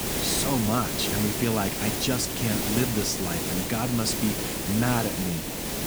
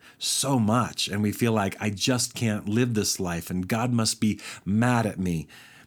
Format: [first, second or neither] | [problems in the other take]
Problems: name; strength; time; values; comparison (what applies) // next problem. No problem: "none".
second | hiss; loud; throughout; as loud as the speech